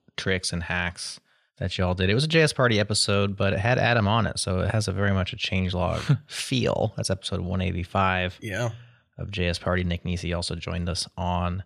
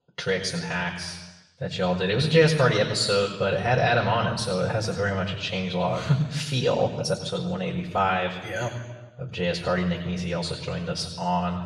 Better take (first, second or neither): first